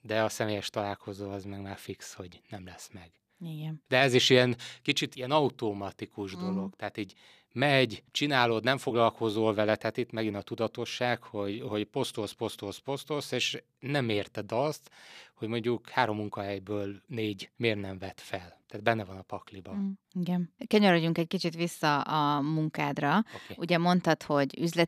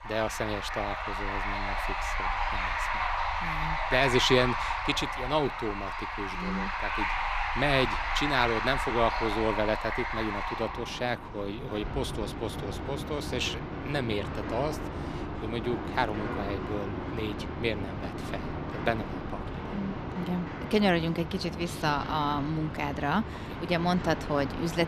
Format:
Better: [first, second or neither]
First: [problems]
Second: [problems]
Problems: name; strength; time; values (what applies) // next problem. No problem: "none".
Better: first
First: none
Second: rain or running water; loud; throughout; 3 dB below the speech